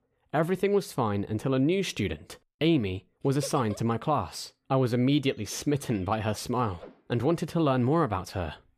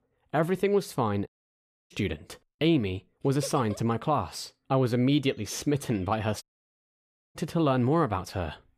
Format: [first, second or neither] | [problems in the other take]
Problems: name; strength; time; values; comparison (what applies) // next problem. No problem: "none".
first | audio cutting out; at 1.5 s for 0.5 s and at 6.5 s for 1 s